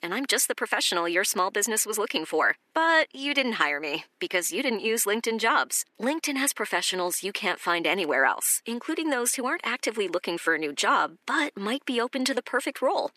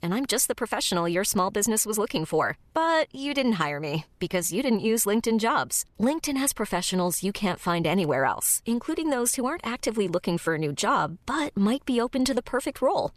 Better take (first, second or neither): second